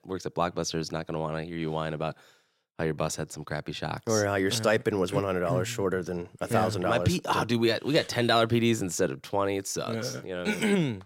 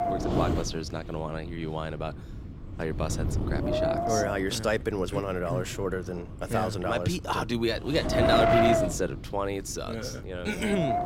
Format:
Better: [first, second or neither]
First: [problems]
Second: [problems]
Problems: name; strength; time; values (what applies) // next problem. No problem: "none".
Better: first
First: none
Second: wind noise on the microphone; heavy; 4 dB above the speech